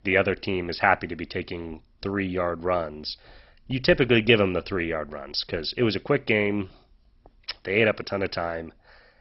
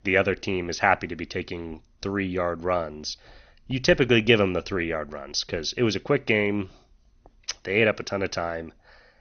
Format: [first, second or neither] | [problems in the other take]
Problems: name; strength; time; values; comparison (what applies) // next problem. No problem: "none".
second | garbled, watery; badly; nothing above 5.5 kHz; slightly in the second